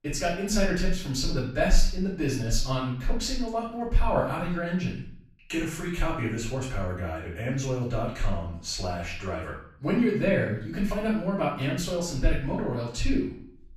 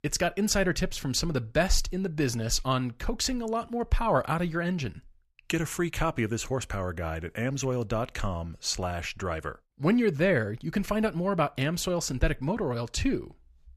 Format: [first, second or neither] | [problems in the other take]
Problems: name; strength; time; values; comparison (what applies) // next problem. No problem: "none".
second | off-mic speech; far // room echo; noticeable; dies away in 0.5 s